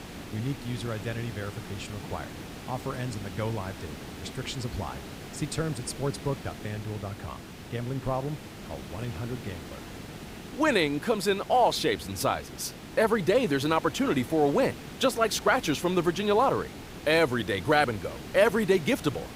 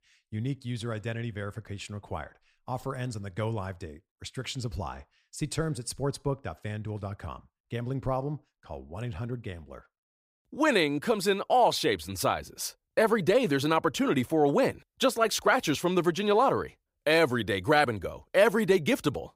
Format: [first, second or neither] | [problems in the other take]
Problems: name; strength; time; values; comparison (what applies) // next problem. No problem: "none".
second | hiss; noticeable; throughout; 15 dB below the speech